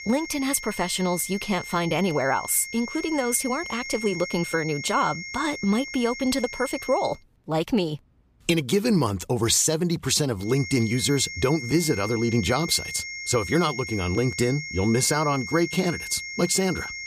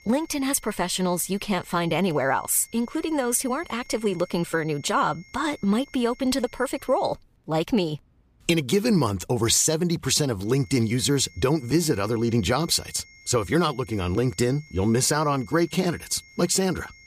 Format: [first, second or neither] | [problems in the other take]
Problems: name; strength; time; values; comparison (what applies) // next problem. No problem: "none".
second | high-pitched whine; loud; until 7 s and from 10 s on; 2 kHz, 9 dB below the speech; faint in the second